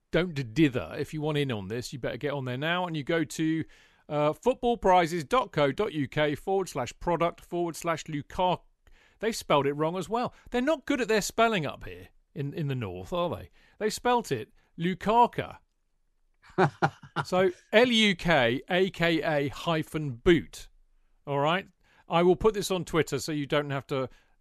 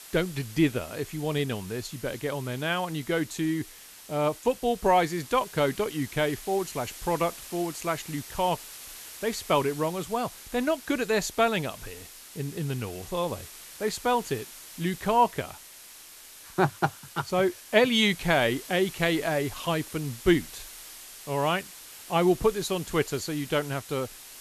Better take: first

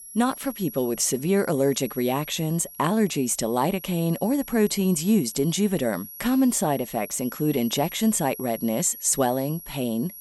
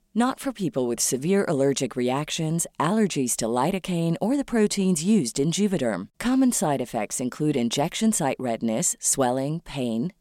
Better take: second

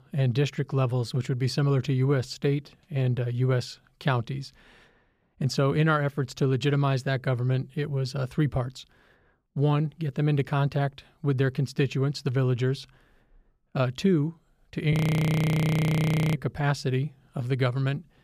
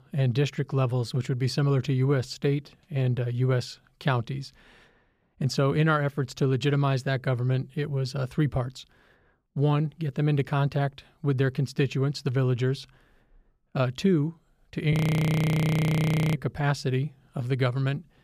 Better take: neither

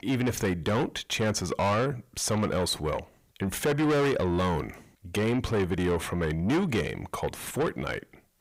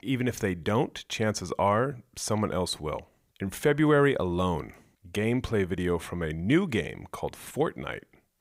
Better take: second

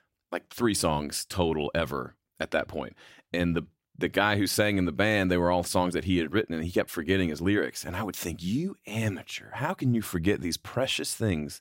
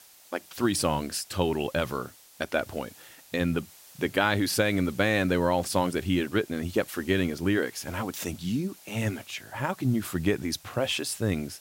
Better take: first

